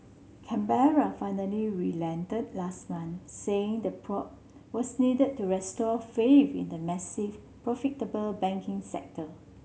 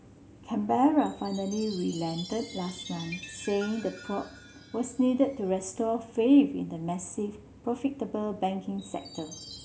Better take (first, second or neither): first